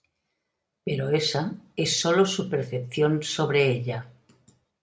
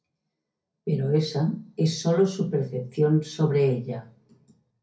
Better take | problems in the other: first | room echo; dies away in 0.3 s

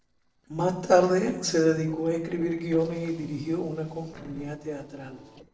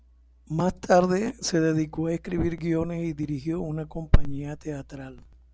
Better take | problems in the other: second | noise reduction (neural separator model SepFormer DNS4)

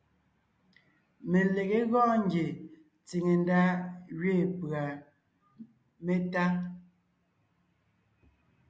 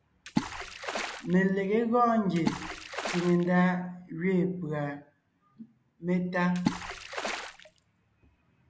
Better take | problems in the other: first | background sound (Water / Splash, splatter); 7 dB below the speech

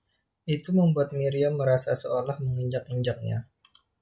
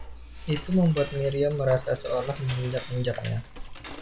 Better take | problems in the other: first | background sound (Cutlery, silverware / Dishes, pots, and pans); 11 dB below the speech

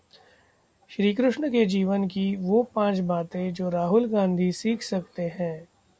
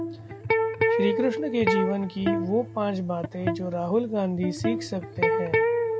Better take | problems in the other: first | background sound (Electric guitar); 1 dB above the speech

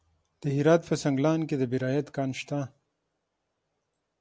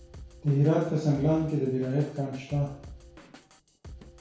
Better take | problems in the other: first | background sound (Drum kit); 20 dB below the speech // room echo; dies away in 0.6 s

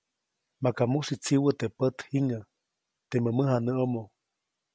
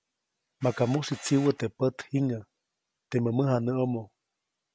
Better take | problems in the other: first | background sound (Camera); 18 dB below the speech

